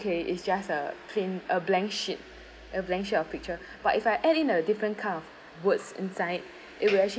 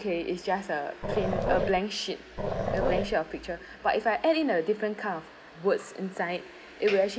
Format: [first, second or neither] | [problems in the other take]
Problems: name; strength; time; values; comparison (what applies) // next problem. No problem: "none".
first | background sound (Growling); 1 dB below the speech